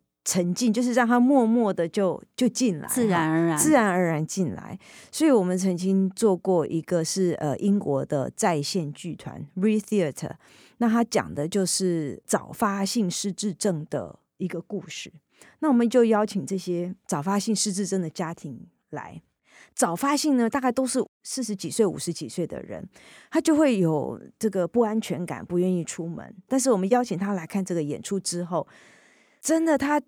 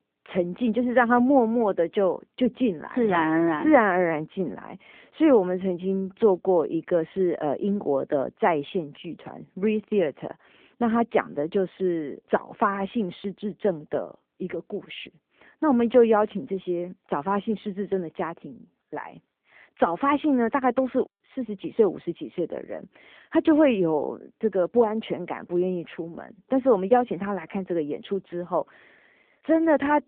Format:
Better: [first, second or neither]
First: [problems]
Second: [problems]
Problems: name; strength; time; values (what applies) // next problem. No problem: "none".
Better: first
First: none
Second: phone-call audio